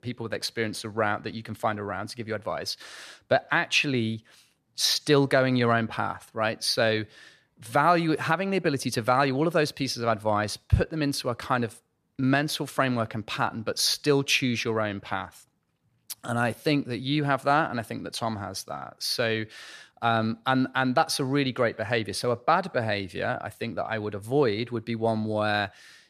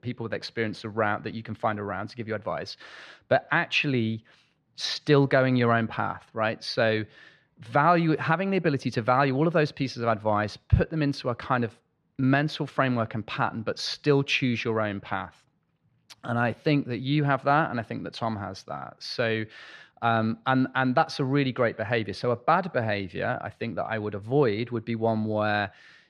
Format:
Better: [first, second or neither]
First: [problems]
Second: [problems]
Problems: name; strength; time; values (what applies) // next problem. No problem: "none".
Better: first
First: none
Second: muffled; very slightly; fading above 3.5 kHz